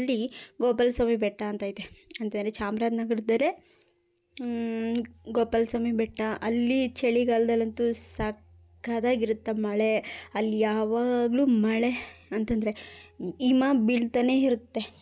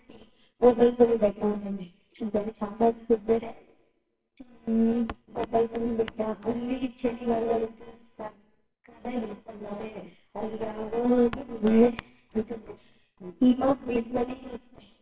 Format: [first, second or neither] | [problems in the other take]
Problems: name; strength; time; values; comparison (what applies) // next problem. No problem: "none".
first | noise reduction (neural separator model SepFormer WHAMR!)